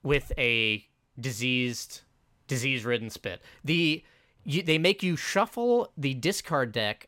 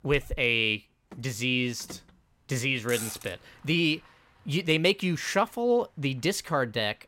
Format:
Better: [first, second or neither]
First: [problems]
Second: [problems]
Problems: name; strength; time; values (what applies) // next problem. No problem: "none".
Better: first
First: none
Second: traffic noise; noticeable; throughout; 15 dB below the speech